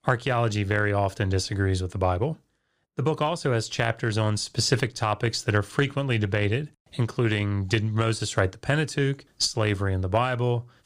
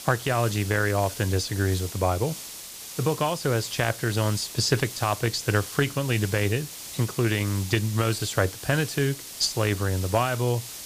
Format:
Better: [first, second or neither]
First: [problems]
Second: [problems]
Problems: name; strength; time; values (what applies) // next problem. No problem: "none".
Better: first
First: none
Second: hiss; noticeable; throughout; 10 dB below the speech